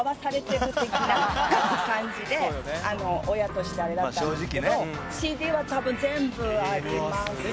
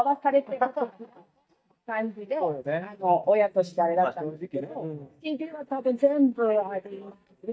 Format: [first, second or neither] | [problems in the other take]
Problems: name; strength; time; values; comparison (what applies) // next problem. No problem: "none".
first | noise reduction (neural mask model DeepFilterNet 3)